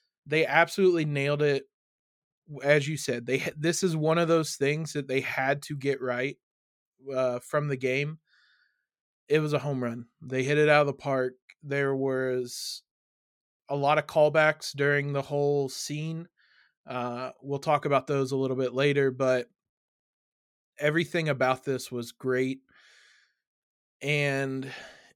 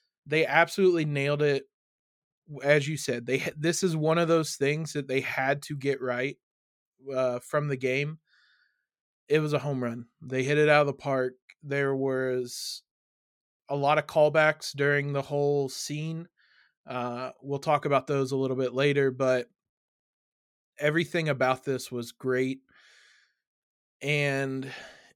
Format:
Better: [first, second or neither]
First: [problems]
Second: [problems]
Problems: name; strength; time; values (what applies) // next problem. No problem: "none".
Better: neither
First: none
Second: none